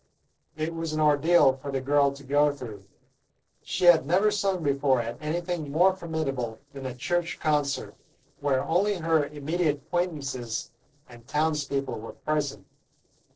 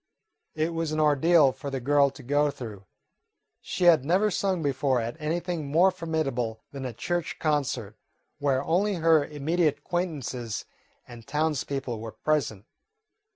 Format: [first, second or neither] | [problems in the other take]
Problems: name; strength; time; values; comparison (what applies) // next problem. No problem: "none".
second | noise reduction (neural separator model SepFormer DNS4)